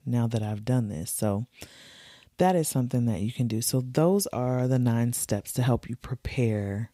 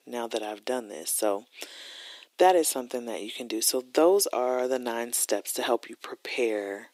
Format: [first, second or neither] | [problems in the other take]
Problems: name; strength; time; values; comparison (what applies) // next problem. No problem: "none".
first | thin; very; fading below 300 Hz